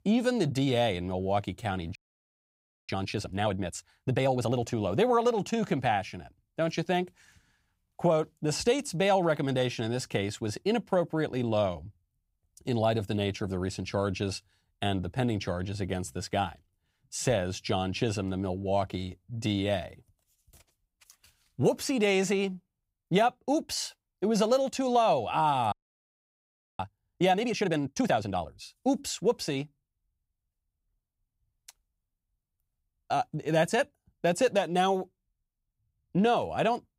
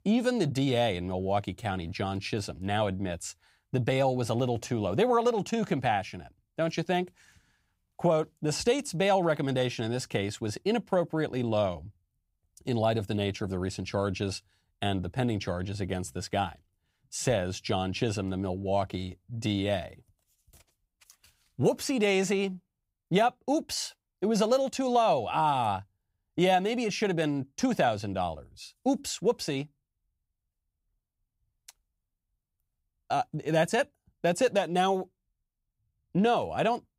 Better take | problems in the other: second | audio freezing; at 2 s for 1 s and at 26 s for 1 s

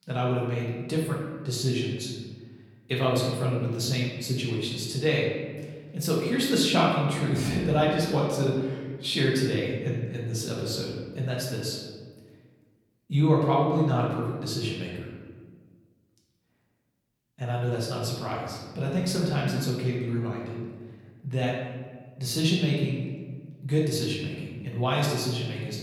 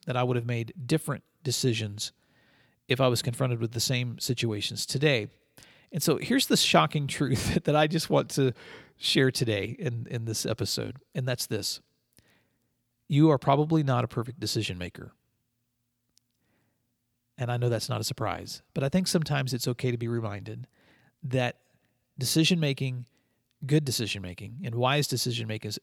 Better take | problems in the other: second | room echo; noticeable; dies away in 1.4 s // off-mic speech; far

